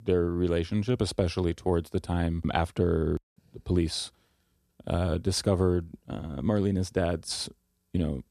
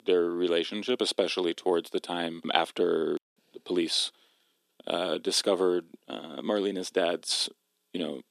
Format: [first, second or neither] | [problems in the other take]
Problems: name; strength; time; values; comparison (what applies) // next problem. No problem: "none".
first | thin; somewhat; fading below 300 Hz